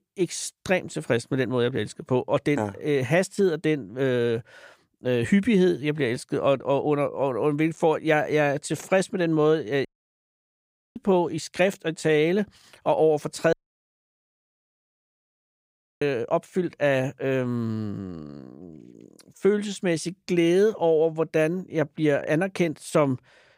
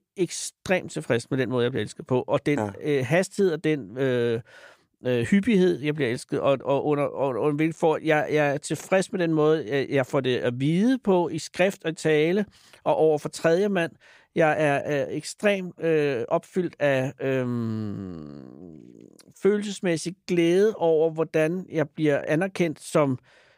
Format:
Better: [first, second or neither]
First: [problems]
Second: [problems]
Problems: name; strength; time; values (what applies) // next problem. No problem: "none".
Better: second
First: audio cutting out; at 10 s for 1 s and at 14 s for 2.5 s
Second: none